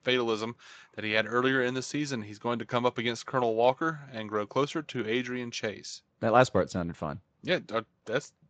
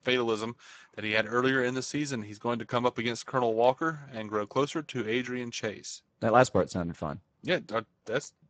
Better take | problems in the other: first | garbled, watery; badly; nothing above 8 kHz; slightly in the first

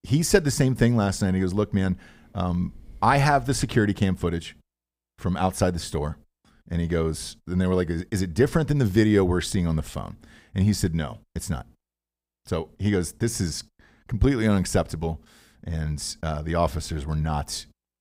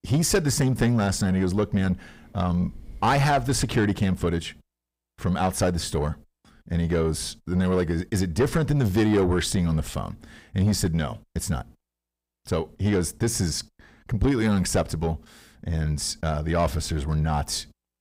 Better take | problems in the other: first | distortion; slight; 10 dB below the speech

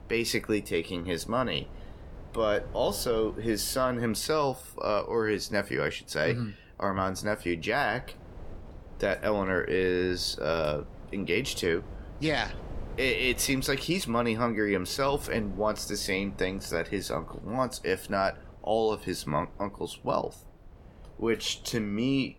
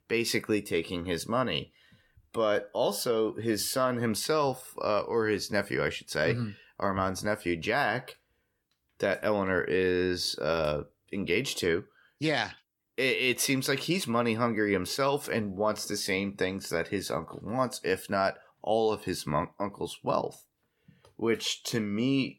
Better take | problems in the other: second | wind noise on the microphone; occasional gusts; 25 dB below the speech

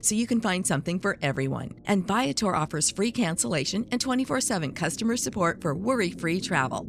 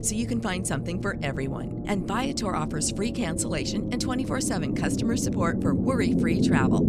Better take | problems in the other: first | low rumble; loud; throughout; 4 dB below the speech; faint in the first

